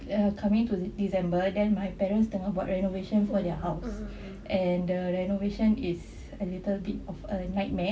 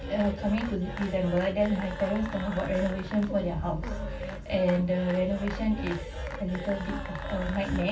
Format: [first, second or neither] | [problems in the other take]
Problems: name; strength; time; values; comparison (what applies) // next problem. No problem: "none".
first | background sound (Applause / Cheering / Clapping); 12 dB below the speech // room echo; dies away in 0.2 s